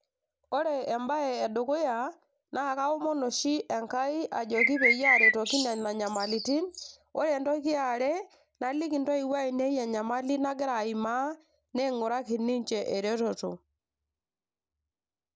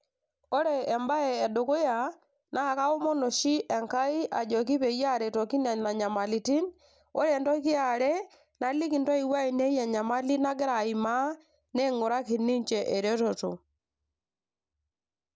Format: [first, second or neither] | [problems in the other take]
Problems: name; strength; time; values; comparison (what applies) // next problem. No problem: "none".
second | background sound (Bird); 3 dB above the speech